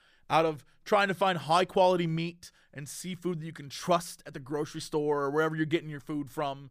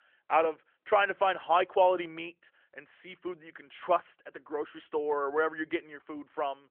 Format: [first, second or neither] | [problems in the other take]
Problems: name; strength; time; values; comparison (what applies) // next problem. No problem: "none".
first | phone-call audio; nothing above 3 kHz